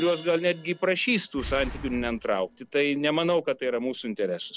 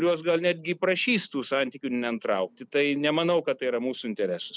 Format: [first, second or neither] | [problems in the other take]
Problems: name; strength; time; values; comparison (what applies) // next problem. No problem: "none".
second | background sound (Crash cymbal + Boom); 16 dB below the speech